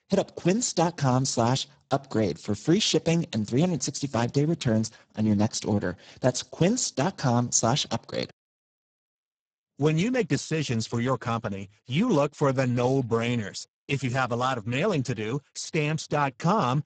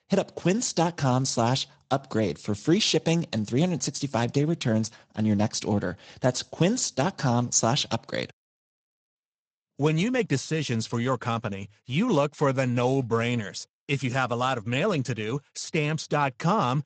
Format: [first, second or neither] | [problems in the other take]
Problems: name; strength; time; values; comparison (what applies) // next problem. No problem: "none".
second | garbled, watery; badly; nothing above 7.5 kHz; slightly in the second